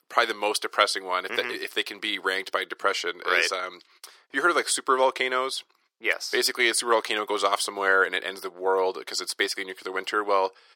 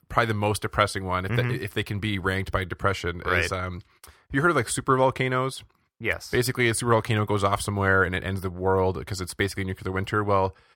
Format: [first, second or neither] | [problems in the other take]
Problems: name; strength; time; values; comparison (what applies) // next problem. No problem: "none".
second | thin; very; fading below 350 Hz